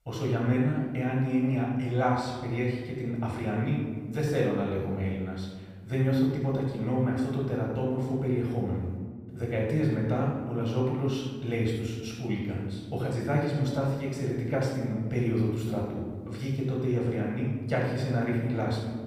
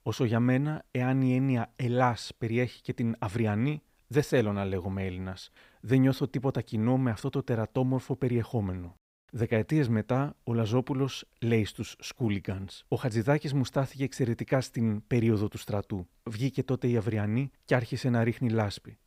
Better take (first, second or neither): second